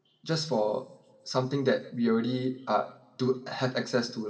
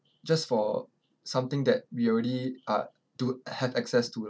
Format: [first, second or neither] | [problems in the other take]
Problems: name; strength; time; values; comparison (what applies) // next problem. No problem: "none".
second | room echo; dies away in 1 s